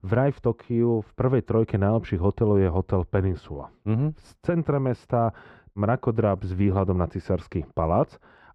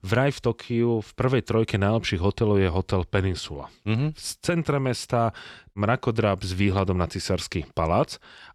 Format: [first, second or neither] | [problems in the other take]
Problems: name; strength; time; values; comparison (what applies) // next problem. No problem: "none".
second | muffled; very; fading above 2.5 kHz